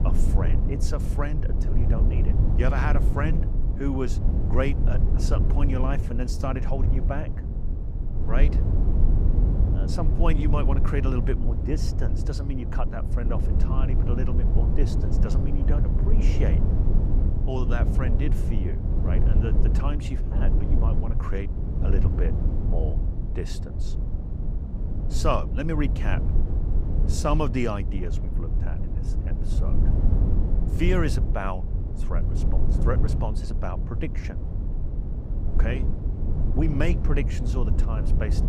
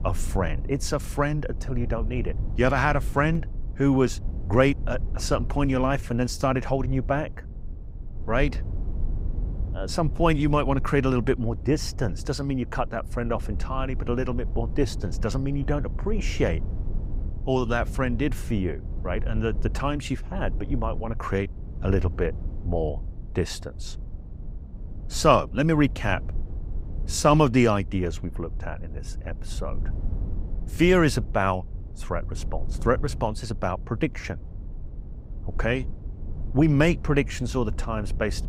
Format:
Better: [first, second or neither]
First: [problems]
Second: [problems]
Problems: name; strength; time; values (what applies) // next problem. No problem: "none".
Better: second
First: low rumble; loud; throughout; 5 dB below the speech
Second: low rumble; faint; throughout; 20 dB below the speech